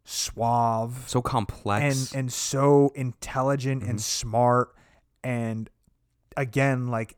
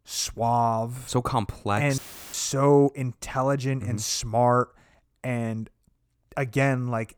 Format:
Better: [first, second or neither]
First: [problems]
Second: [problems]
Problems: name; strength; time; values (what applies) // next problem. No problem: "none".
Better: first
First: none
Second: audio cutting out; filled with static; at 2 s